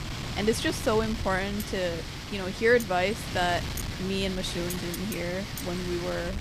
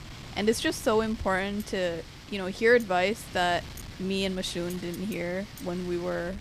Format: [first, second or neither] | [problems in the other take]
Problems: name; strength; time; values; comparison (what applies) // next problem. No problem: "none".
second | wind noise on the microphone; heavy; 8 dB below the speech; occasional gusts in the second